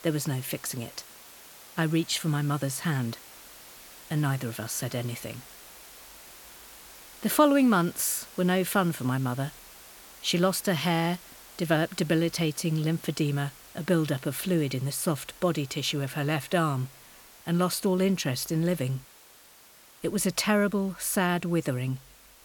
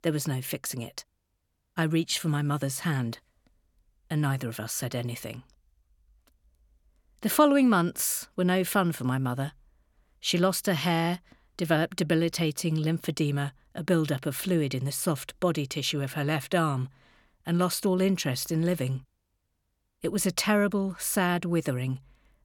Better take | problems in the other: second | hiss; noticeable; throughout; 20 dB below the speech

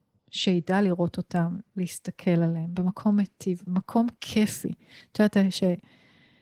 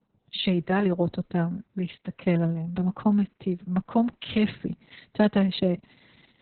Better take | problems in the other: first | garbled, watery; badly; nothing above 4 kHz; slightly in the first

